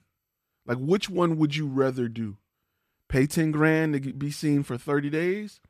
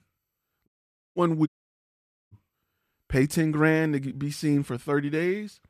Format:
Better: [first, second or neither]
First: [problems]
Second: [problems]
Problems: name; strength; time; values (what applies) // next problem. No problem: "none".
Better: first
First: none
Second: audio cutting out; at 0.5 s and at 1.5 s for 1 s